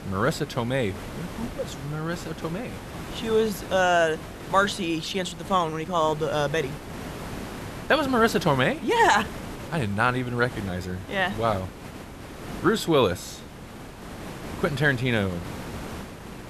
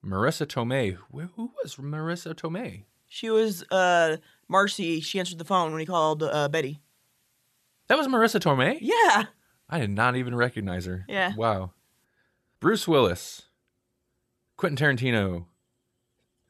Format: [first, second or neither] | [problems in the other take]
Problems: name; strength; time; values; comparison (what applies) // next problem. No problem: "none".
second | hiss; noticeable; throughout; 15 dB below the speech